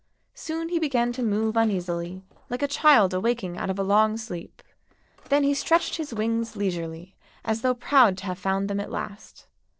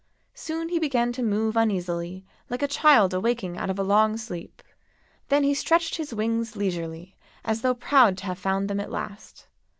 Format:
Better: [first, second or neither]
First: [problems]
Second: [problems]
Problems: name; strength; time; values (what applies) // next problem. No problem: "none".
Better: second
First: noise reduction (neural separator model SepFormer DNS4)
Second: none